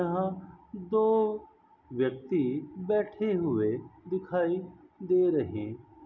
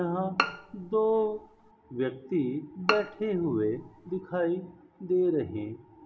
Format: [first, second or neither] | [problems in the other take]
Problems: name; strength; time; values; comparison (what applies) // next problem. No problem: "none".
first | background sound (Bowed string instrument); 5 dB below the speech // room echo; dies away in 0.3 s